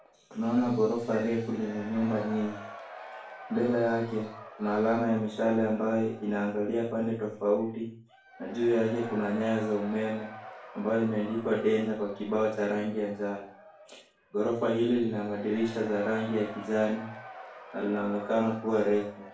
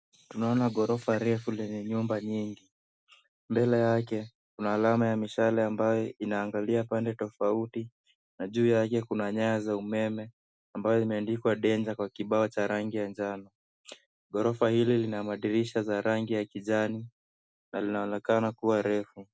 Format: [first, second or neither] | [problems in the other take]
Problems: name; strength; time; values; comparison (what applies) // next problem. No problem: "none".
second | background sound (Crowd / Cheering); 17 dB below the speech // room echo; dies away in 0.4 s